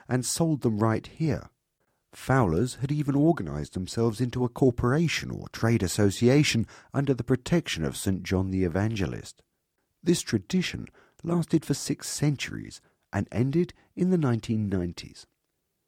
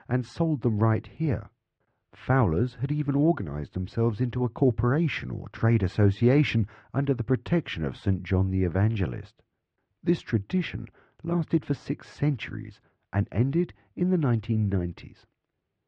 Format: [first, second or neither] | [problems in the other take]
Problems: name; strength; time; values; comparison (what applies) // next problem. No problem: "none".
first | muffled; very; fading above 3 kHz